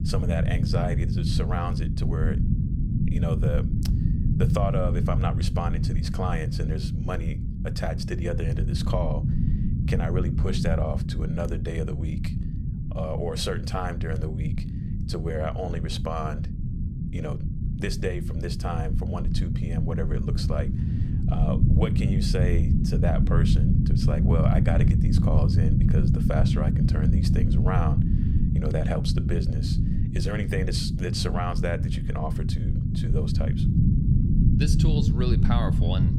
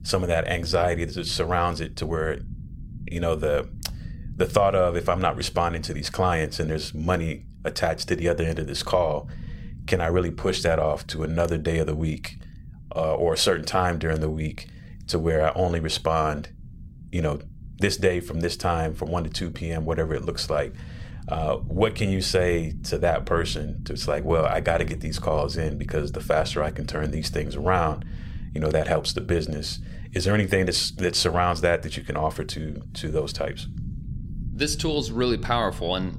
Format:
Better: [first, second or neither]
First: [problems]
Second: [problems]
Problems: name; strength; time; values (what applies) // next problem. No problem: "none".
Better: second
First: low rumble; loud; throughout; 3 dB below the speech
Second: low rumble; faint; throughout; 25 dB below the speech